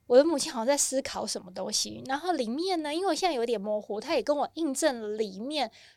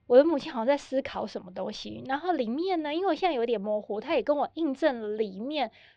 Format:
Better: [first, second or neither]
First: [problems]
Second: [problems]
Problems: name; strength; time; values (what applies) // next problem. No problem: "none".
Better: first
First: none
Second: muffled; very; fading above 3 kHz